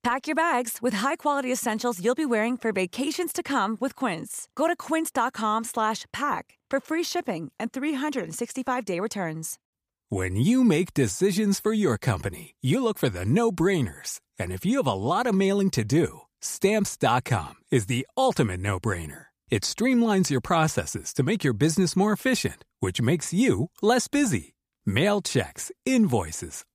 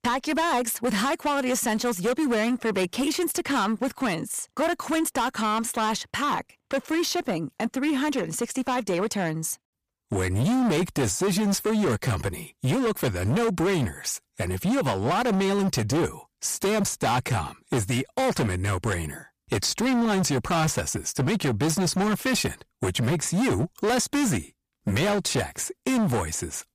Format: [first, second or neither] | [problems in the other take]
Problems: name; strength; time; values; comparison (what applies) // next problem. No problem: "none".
first | distortion; heavy; 21% of the sound clipped